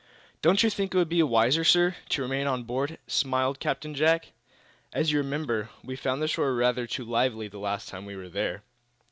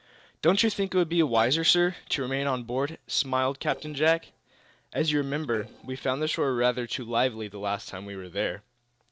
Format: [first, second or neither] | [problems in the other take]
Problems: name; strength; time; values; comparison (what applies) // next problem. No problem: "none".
first | noise reduction (neural separator model SepFormer DNS4)